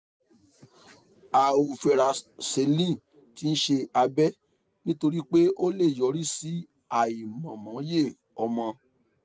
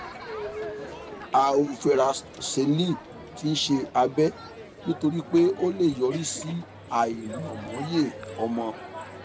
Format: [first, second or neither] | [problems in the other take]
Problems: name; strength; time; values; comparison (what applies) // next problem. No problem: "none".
first | background sound (Crowd); 13 dB below the speech